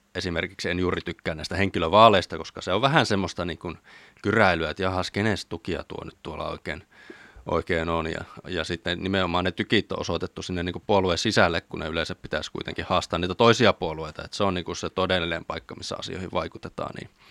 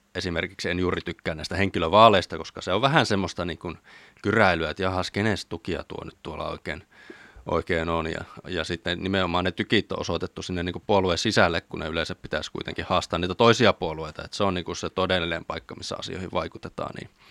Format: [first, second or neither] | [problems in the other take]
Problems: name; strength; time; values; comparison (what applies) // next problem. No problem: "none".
neither | none